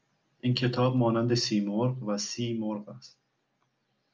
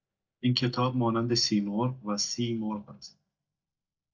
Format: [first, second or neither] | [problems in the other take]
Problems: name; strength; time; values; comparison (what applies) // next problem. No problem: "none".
first | noise reduction (neural mask model DeepFilterNet 3)